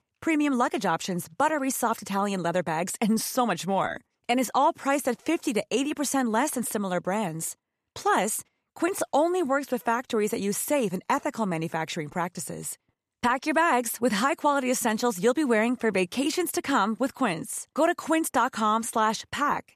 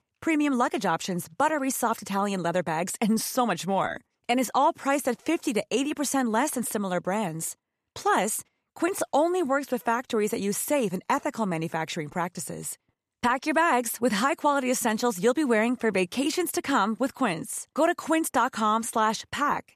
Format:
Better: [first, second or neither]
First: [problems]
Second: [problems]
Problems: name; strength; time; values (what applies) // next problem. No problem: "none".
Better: neither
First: none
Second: none